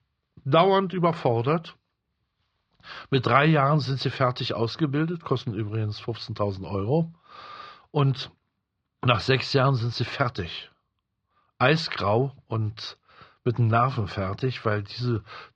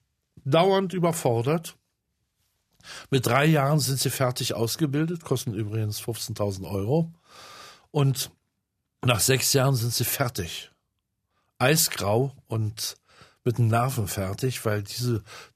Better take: second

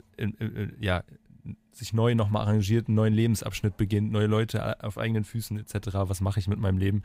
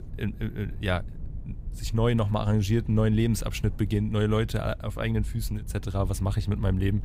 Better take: first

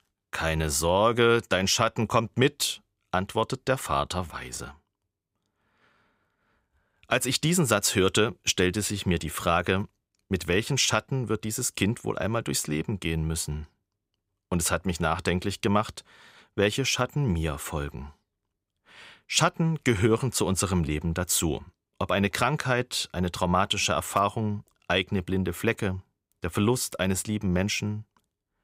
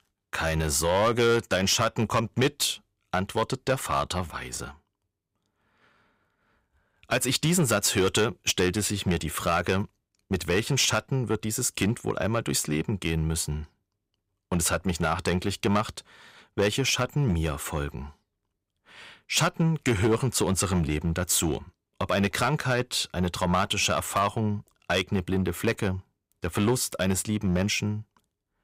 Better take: first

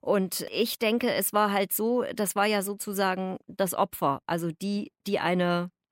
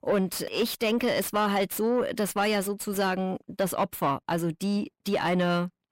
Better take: first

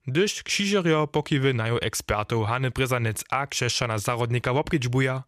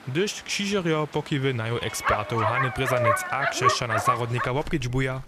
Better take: first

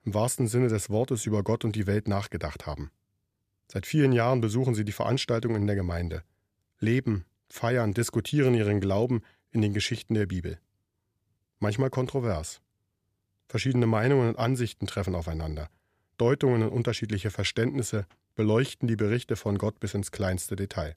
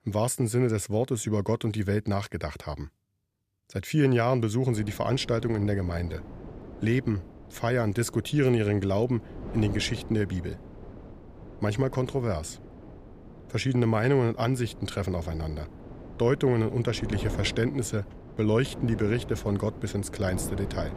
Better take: first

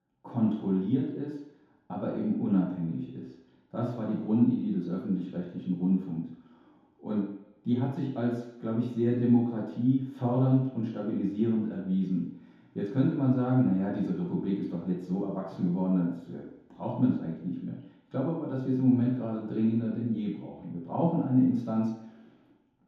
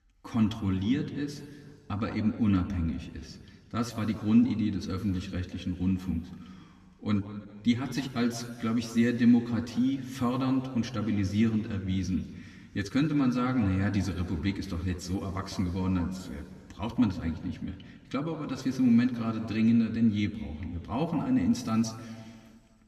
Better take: second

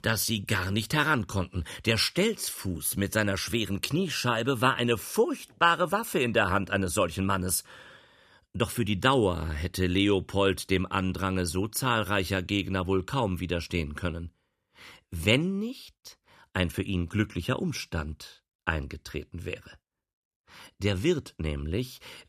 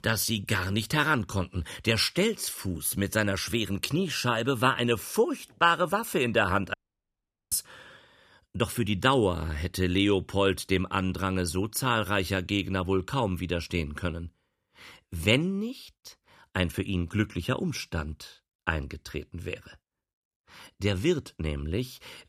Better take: first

